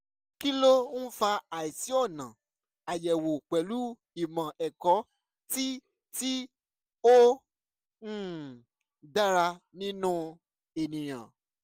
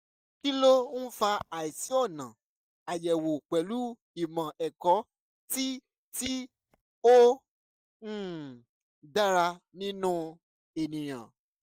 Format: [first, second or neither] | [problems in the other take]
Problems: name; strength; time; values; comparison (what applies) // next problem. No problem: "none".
first | noise reduction (neural mask model DeepFilterNet 3)